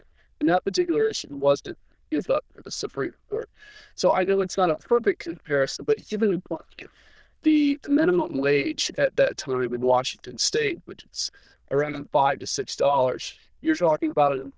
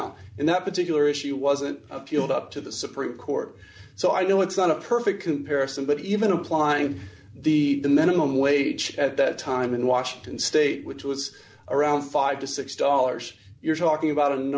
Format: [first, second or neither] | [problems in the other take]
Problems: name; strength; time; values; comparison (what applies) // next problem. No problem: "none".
second | noise reduction (neural diffusion model UNIVERSE++)